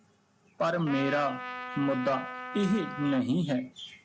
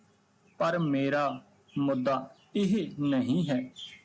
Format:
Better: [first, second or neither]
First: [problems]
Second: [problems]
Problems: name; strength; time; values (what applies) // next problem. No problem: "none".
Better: second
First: background sound (Trumpet); 9 dB below the speech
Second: none